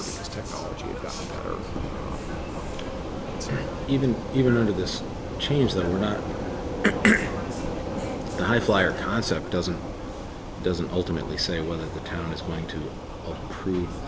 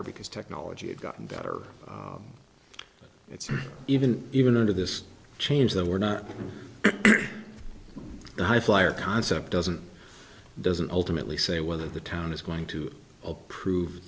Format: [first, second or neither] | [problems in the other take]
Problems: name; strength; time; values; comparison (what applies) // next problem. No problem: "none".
second | background sound (Vehicle); 4 dB below the speech